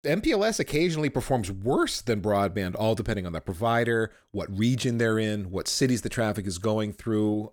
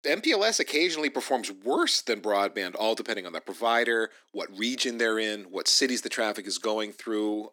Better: first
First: none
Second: thin; somewhat; fading below 250 Hz

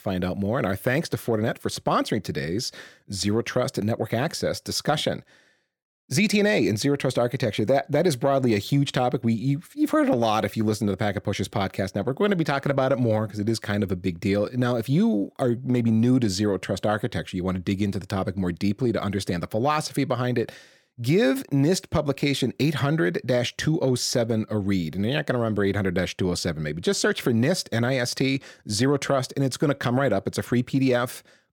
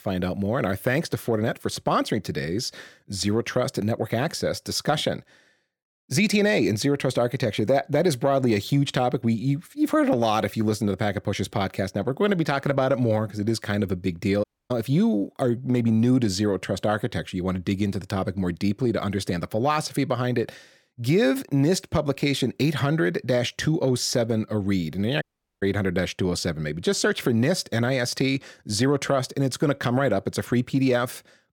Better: first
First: none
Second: audio cutting out; at 14 s and at 25 s

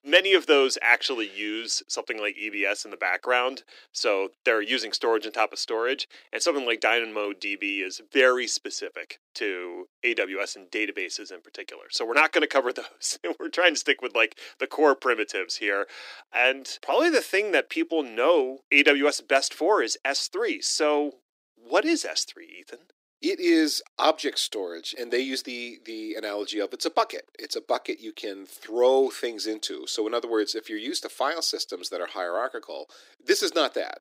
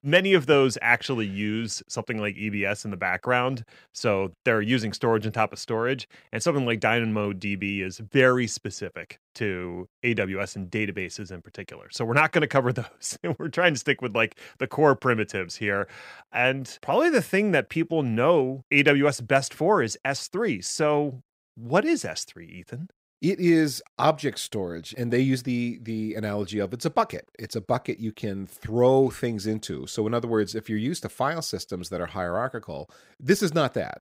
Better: second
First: thin; somewhat; fading below 300 Hz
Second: none

